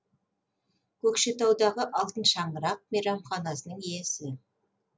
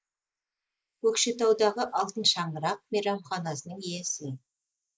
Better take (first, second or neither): first